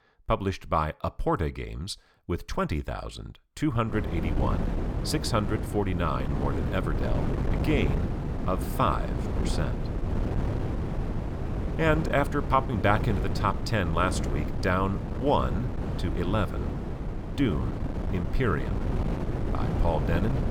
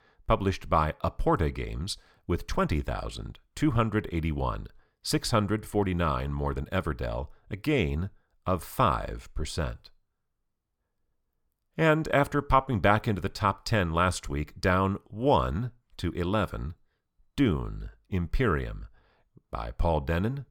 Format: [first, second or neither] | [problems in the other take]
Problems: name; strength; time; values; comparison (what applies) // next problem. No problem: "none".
second | wind noise on the microphone; heavy; from 4 s on; 8 dB below the speech